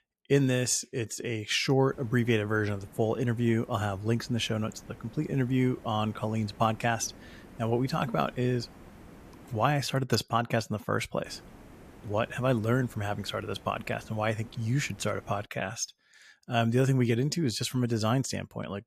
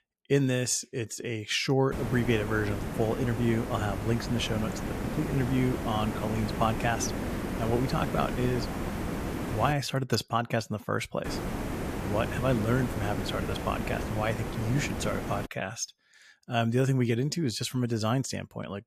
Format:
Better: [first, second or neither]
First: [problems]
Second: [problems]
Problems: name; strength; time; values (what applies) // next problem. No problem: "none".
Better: first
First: hiss; faint; from 2 to 9.5 s and from 11 to 15 s; 20 dB below the speech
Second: hiss; loud; from 2 to 9.5 s and from 11 to 15 s; 5 dB below the speech